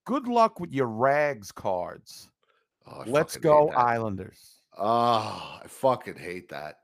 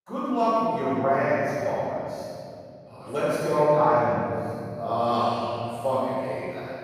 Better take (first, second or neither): first